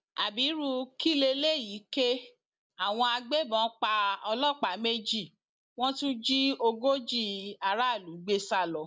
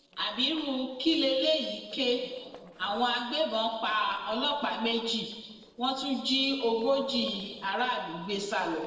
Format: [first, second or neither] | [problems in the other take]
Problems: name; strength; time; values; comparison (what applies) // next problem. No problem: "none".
first | noise reduction (neural separator model SepFormer DNS4)